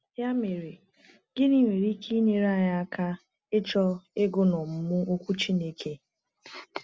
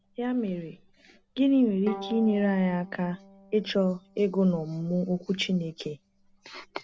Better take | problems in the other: first | background sound (Bowed string instrument); 18 dB below the speech

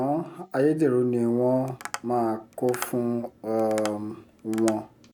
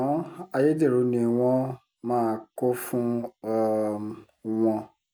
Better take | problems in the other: second | background sound (Tap); 16 dB below the speech

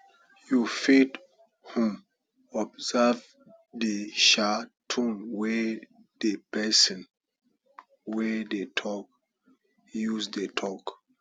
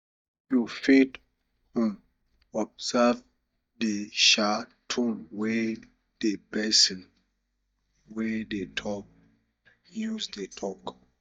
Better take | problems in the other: first | noise reduction (neural mask model DeepFilterNet 3)

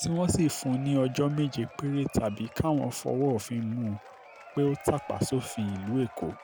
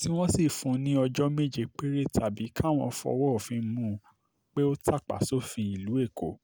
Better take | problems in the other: second | background sound (Applause / Crowd / Cheering); 18 dB below the speech

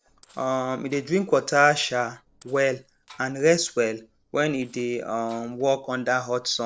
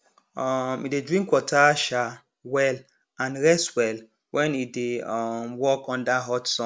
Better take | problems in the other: second | noise reduction (neural separator model SepFormer DNS4)

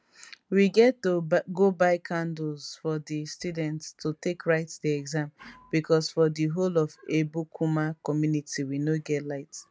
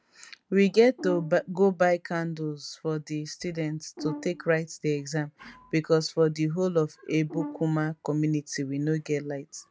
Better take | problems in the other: first | background sound (Brass instrument); 12 dB below the speech

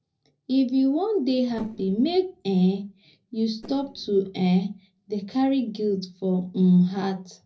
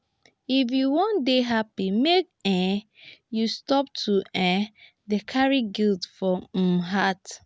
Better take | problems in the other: second | noise reduction (neural separator model SepFormer DNS4)

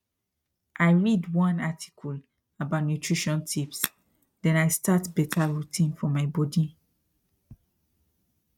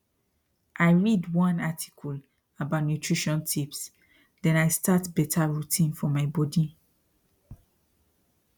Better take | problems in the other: second | noise reduction (neural mask model RNNoise)

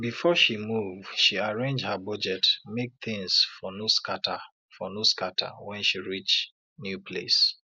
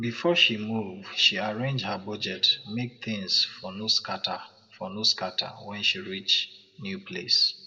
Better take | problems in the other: first | room echo; dies away in 1.4 s

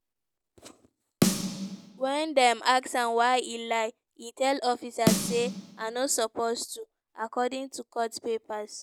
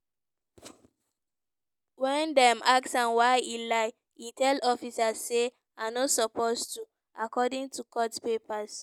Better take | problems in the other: second | background sound (Snare drum); 2 dB below the speech

